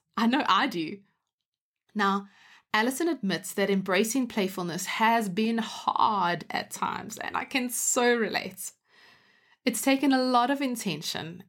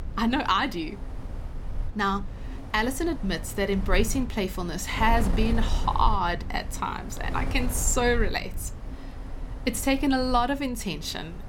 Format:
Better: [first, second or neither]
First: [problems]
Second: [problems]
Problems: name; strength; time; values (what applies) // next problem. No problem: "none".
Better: first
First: none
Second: wind noise on the microphone; occasional gusts; 15 dB below the speech